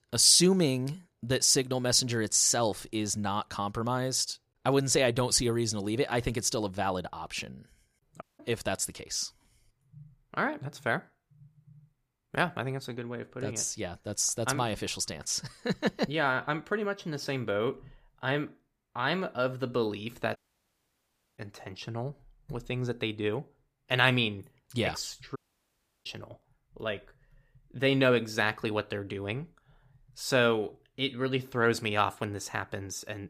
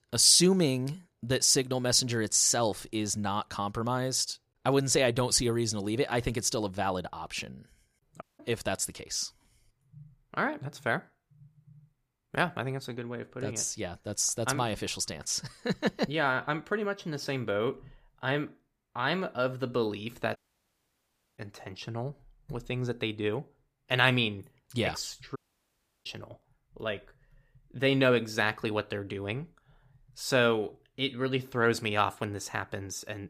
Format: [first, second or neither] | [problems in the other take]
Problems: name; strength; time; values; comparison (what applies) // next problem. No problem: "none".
neither | audio cutting out; at 8 s, at 20 s for 1 s and at 25 s for 0.5 s; the same in both